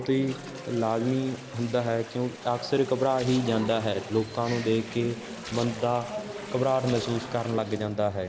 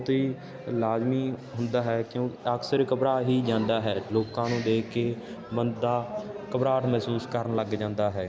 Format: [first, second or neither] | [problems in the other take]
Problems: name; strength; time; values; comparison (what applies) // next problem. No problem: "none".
second | background sound (Splash, splatter + Toilet flush); 16 dB below the speech